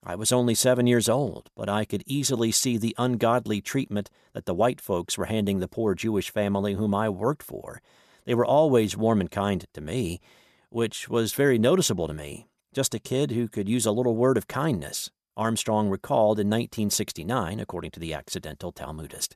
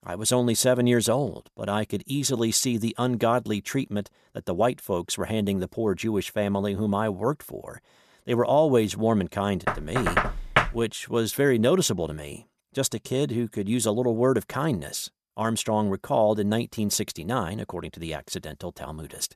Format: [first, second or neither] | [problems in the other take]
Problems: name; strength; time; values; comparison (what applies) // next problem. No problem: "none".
first | door banging; loud; from 9.5 to 11 s; peak 2 dB above the speech